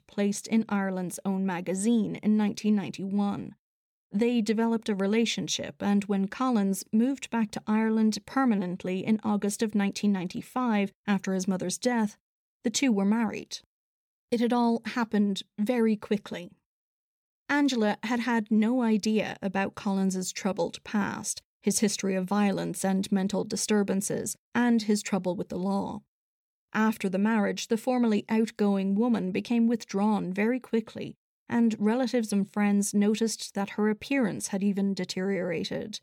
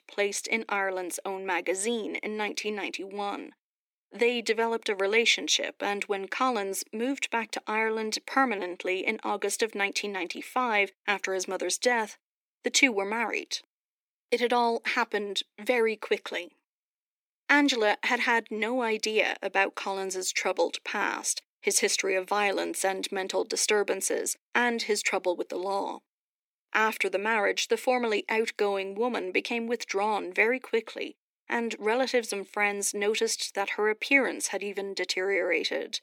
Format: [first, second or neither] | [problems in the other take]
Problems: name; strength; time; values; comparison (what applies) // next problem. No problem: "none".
first | thin; very; fading below 300 Hz